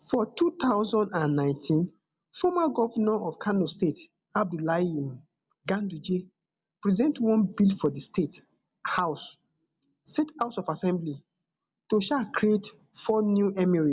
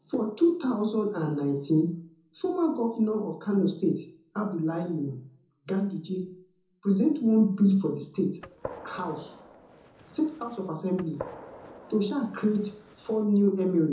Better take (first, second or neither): first